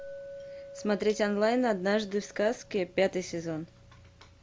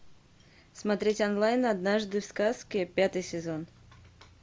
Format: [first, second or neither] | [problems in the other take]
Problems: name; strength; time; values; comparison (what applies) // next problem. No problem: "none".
second | background sound (Chink, clink); 18 dB below the speech